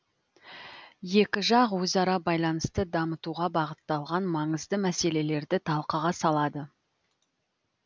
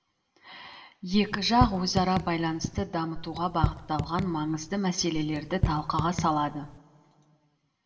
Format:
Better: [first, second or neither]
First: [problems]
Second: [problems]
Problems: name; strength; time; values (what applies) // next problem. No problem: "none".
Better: first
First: none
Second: background sound (Raindrop / Drip); 4 dB below the speech // room echo; dies away in 1.3 s